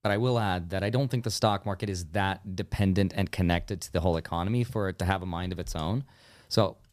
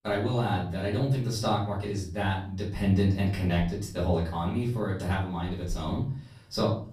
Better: first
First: none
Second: off-mic speech; far // room echo; noticeable; dies away in 0.4 s

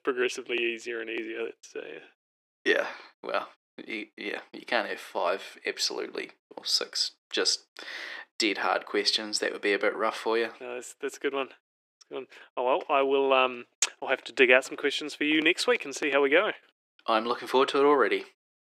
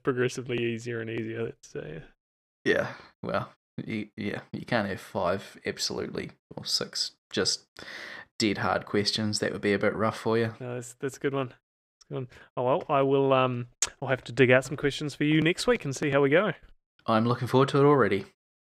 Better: second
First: thin; somewhat; fading below 300 Hz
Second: none

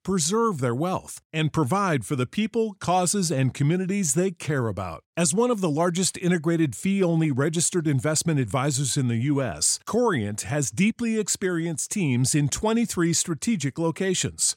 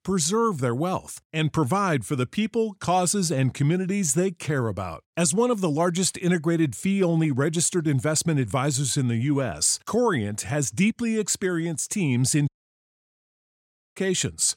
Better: first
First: none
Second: audio cutting out; at 12 s for 1.5 s

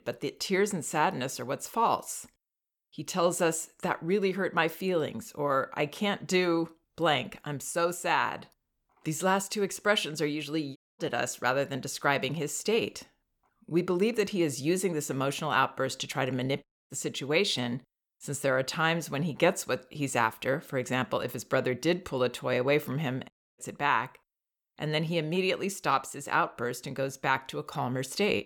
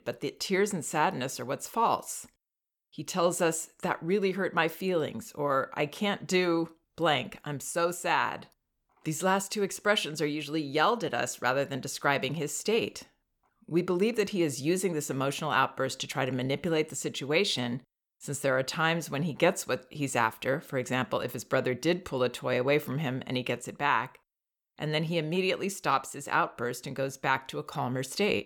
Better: second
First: audio cutting out; at 11 s, at 17 s and at 23 s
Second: none

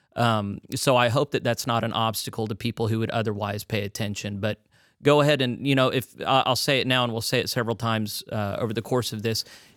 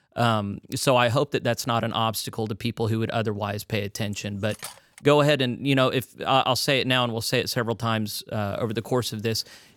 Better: first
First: none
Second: clattering dishes; faint; at 4 s; peak 15 dB below the speech

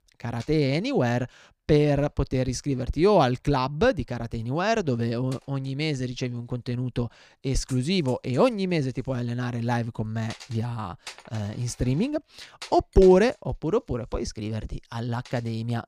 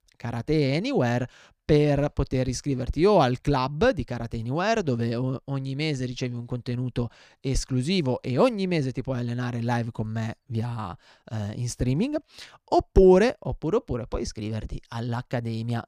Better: second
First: household noises; faint; throughout; 20 dB below the speech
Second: none

